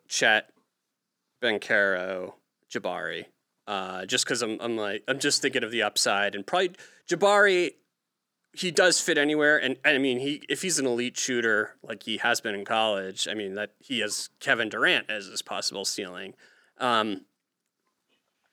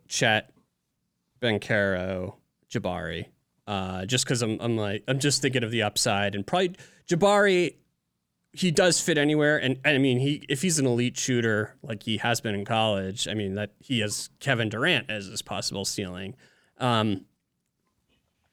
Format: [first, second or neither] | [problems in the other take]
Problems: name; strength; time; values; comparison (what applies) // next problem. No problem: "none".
second | thin; somewhat; fading below 350 Hz